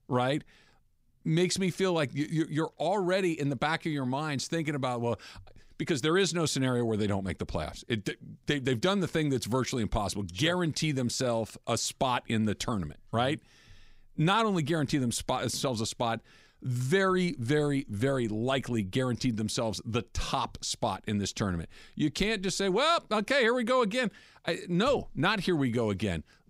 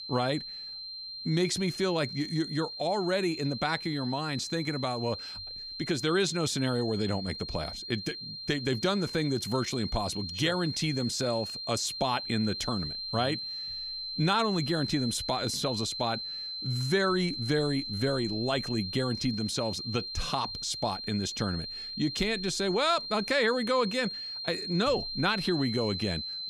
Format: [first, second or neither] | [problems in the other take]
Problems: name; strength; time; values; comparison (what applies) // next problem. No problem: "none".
first | high-pitched whine; loud; throughout; 4 kHz, 5 dB below the speech